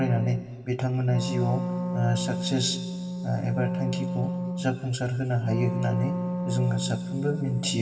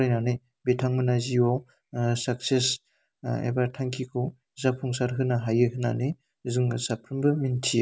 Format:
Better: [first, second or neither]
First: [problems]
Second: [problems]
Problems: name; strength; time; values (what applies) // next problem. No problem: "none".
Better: second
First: background sound (Wind instrument, woodwind instrument); 3 dB below the speech // room echo; dies away in 1.9 s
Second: none